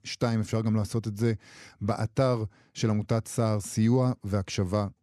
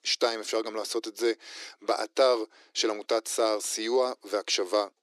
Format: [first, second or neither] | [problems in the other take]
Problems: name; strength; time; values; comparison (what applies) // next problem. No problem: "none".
first | thin; very; fading below 350 Hz